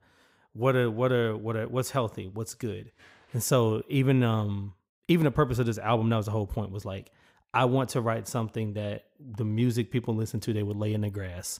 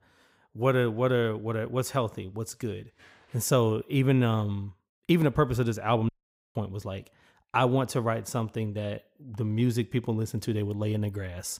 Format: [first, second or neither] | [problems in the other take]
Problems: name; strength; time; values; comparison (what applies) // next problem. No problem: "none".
first | audio cutting out; at 6 s